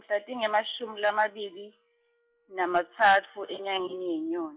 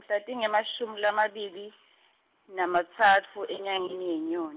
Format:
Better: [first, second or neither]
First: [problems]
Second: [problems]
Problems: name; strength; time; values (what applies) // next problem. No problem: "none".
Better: second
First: noise reduction (classical method log-MMSE)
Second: none